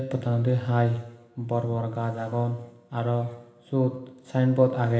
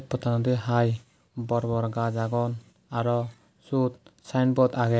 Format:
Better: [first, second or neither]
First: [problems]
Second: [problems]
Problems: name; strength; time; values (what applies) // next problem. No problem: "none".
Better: second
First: room echo; dies away in 1.1 s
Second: none